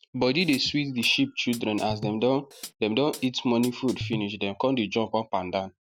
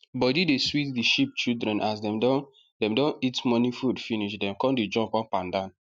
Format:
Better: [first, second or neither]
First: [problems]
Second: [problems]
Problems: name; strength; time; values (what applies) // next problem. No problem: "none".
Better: second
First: background sound (Hi-hat); 14 dB below the speech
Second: none